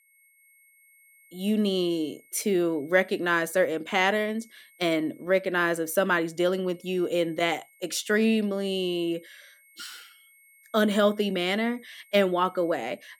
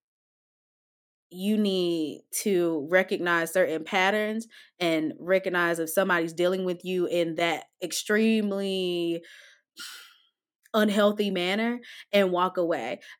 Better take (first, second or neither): second